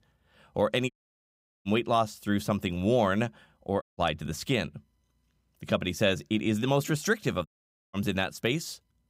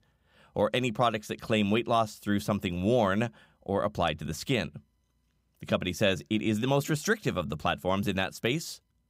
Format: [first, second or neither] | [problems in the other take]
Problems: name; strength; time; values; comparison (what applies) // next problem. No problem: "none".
second | audio cutting out; at 1 s for 0.5 s, at 4 s and at 7.5 s